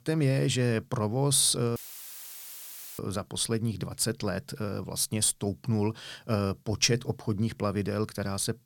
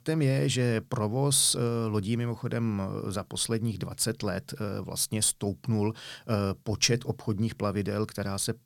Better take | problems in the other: second | audio cutting out; filled with static; at 2 s for 1 s

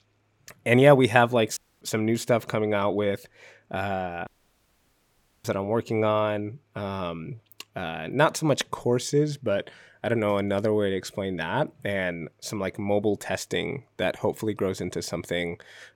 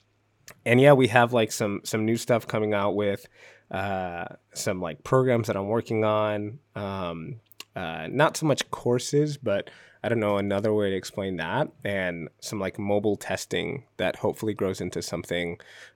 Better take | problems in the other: second | audio cutting out; at 1.5 s and at 4.5 s for 1 s

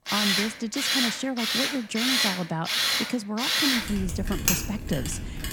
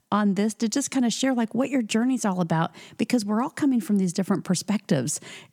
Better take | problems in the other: second | machinery noise; very loud; throughout; 5 dB above the speech

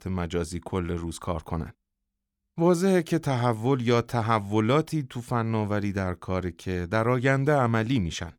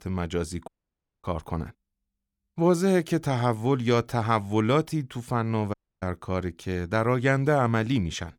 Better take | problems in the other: first | audio cutting out; at 0.5 s for 0.5 s and at 5.5 s

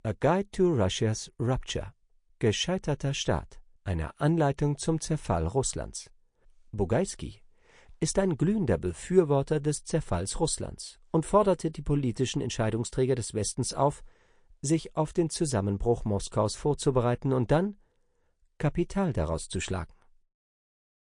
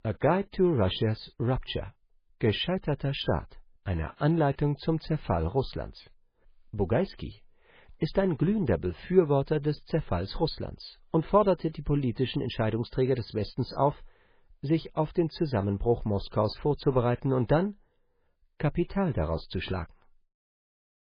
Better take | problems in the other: first | garbled, watery; badly; nothing above 4 kHz; slightly in the first

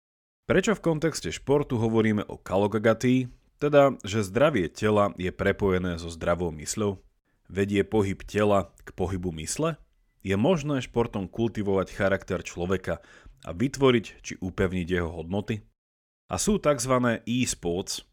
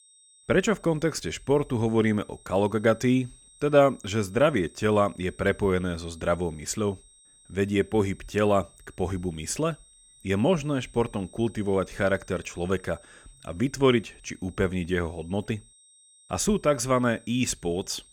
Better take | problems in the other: first | high-pitched whine; faint; throughout; 8.5 kHz, 25 dB below the speech

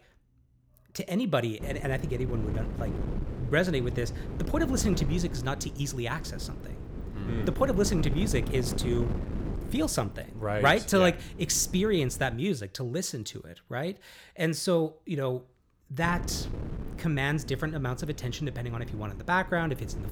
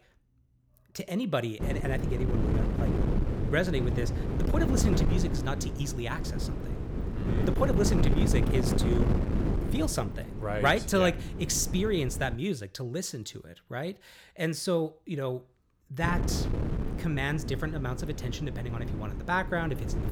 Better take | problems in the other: first | wind noise on the microphone; heavy; from 1.5 to 12 s and from 16 s on; 6 dB below the speech; occasional gusts in the first

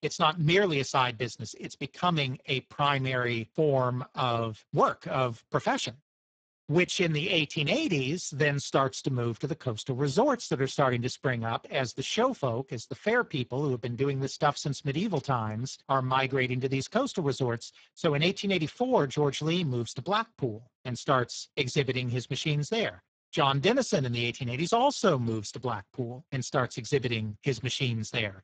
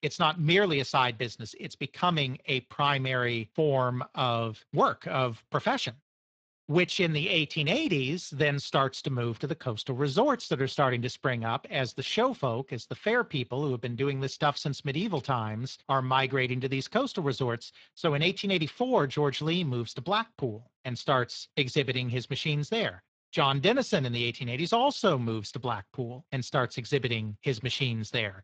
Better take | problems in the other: second | garbled, watery; badly; nothing above 7.5 kHz; slightly in the second

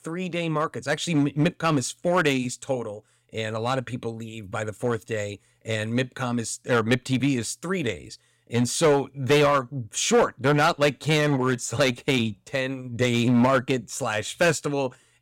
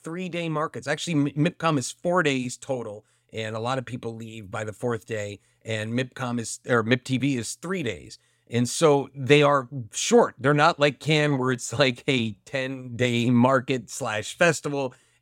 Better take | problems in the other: second | distortion; slight; 3% of the sound clipped

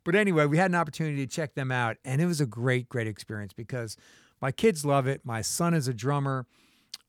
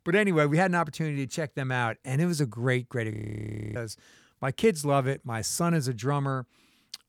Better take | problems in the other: first | audio freezing; at 3 s for 0.5 s

